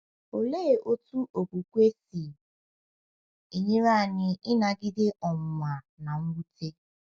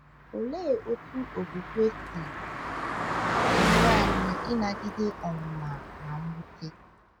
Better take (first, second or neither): first